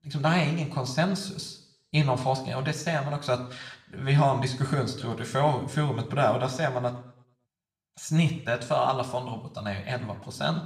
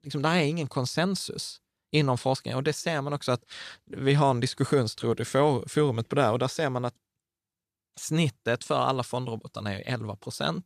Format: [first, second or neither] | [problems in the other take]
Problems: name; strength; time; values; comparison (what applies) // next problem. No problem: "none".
second | room echo; very slight; dies away in 0.7 s